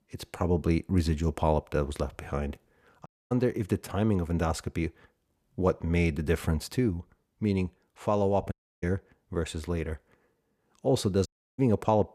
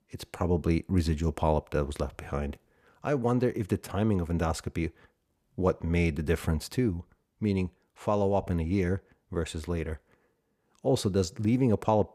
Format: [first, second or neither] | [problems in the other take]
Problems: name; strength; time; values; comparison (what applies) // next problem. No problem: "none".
second | audio cutting out; at 3 s, at 8.5 s and at 11 s